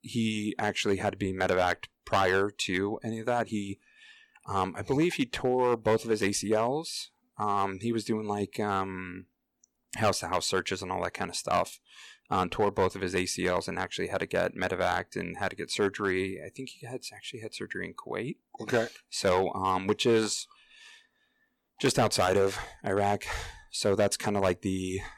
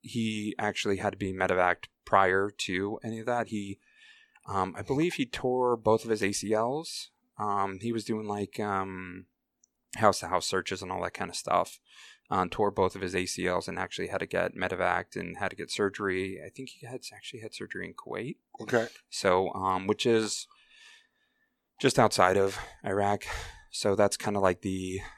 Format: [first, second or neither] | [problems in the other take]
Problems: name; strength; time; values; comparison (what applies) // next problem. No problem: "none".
second | distortion; slight; 2% of the sound clipped